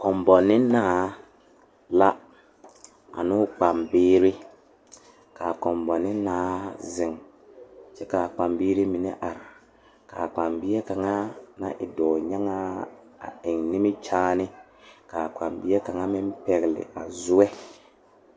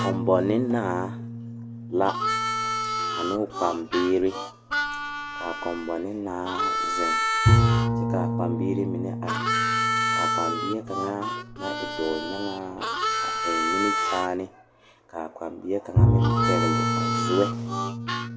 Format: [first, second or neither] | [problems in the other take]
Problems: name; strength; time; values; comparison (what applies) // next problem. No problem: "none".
first | background sound (Bowed string instrument + Harmonica); 4 dB above the speech